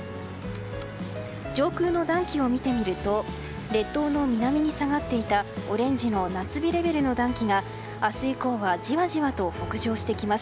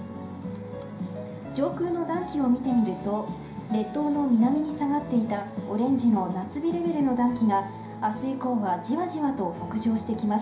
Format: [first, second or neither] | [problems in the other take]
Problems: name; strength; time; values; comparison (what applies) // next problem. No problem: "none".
first | room echo; dies away in 0.5 s